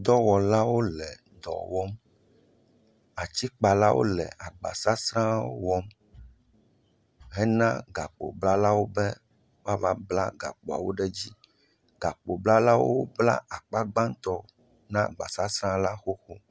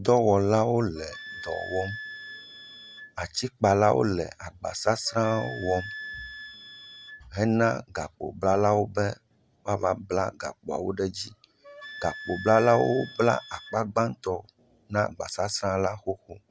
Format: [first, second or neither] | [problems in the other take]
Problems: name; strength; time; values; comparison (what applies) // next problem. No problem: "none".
first | background sound (Wind instrument, woodwind instrument); 16 dB below the speech